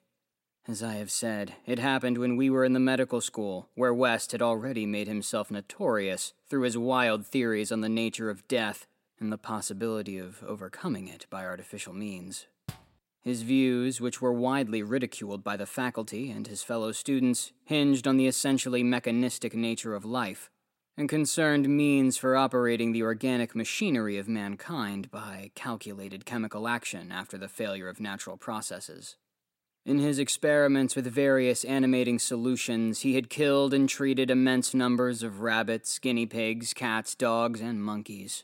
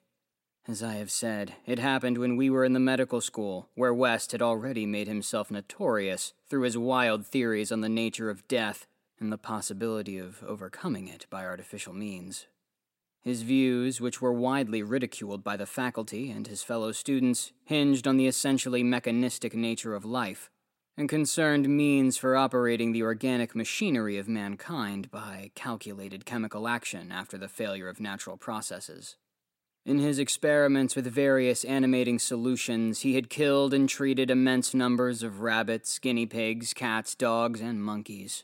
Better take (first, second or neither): second